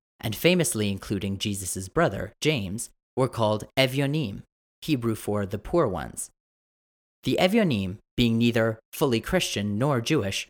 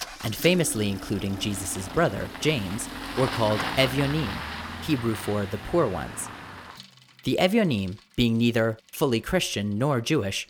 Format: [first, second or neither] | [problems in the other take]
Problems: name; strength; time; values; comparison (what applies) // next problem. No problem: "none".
first | traffic noise; loud; throughout; 9 dB below the speech